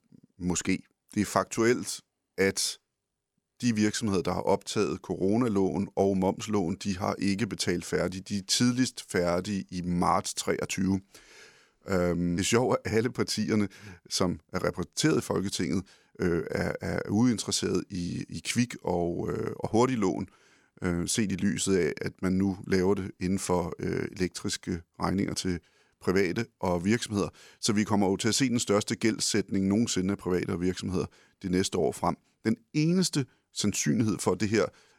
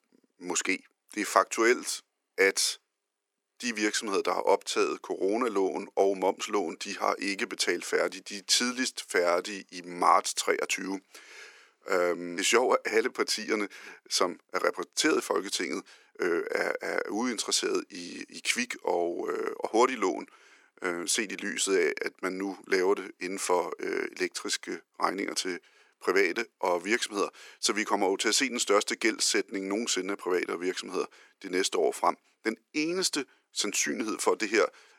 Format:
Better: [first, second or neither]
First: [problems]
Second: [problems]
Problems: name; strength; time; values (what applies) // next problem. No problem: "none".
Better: first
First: none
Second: thin; somewhat; fading below 300 Hz